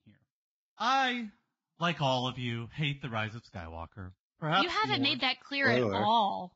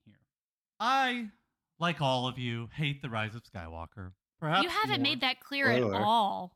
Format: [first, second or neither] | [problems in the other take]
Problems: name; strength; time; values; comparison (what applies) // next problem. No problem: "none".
second | garbled, watery; badly